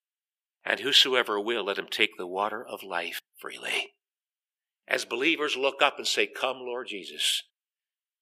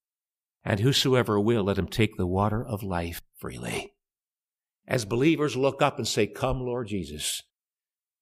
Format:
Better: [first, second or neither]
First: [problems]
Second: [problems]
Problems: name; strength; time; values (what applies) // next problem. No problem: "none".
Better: second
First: thin; very; fading below 350 Hz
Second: none